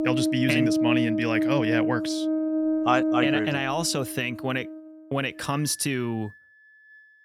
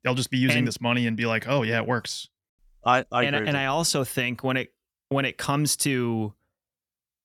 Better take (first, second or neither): second